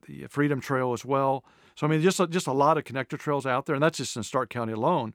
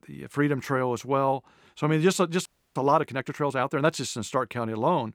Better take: first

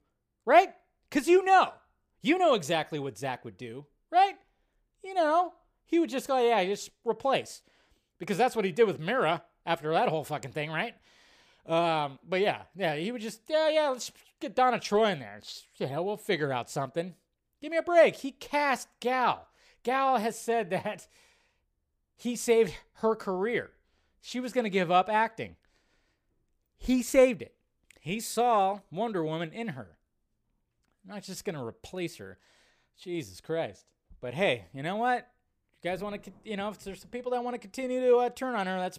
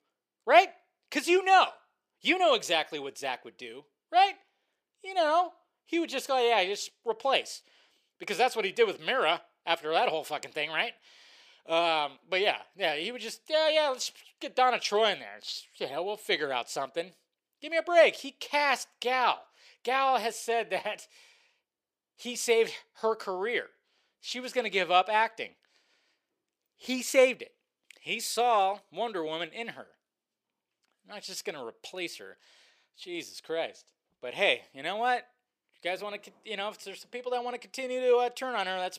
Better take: first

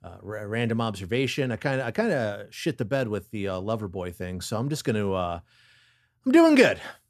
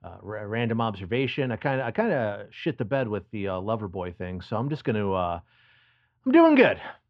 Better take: first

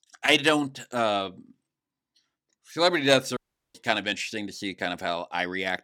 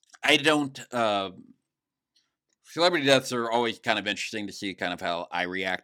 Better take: second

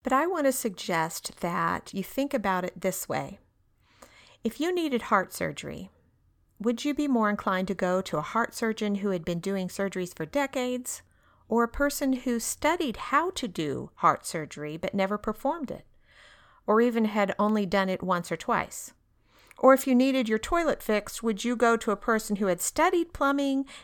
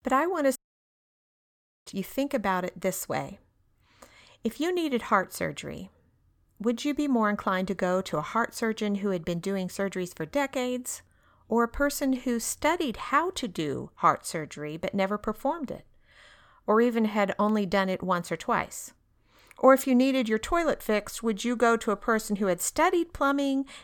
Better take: first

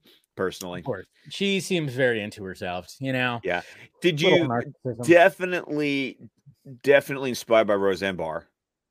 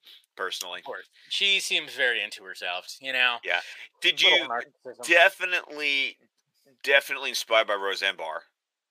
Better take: first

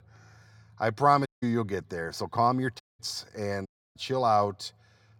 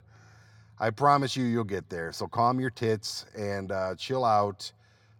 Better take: second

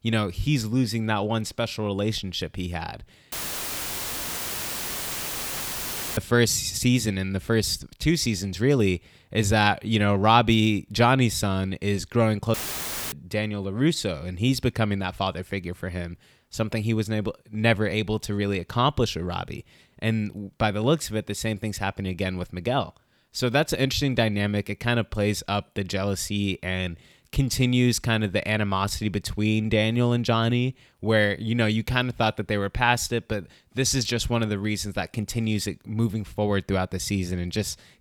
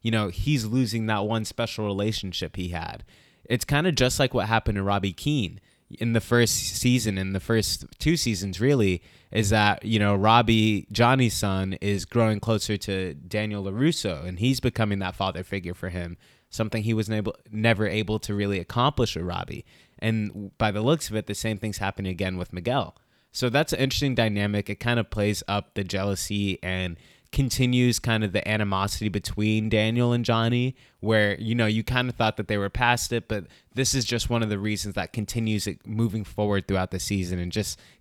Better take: second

